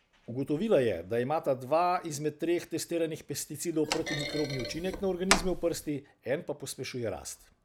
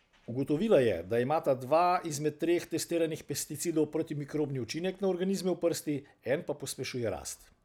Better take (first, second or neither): second